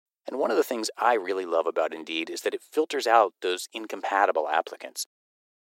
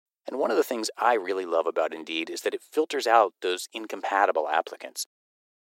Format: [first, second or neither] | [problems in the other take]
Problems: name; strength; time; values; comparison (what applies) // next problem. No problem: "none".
neither | thin; very; fading below 350 Hz; the same in both